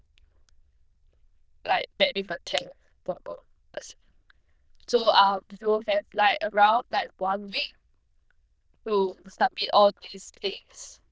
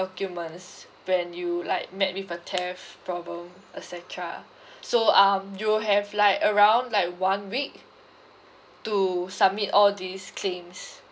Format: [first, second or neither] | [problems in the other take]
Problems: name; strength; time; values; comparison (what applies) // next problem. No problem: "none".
second | noise reduction (neural diffusion model UNIVERSE++)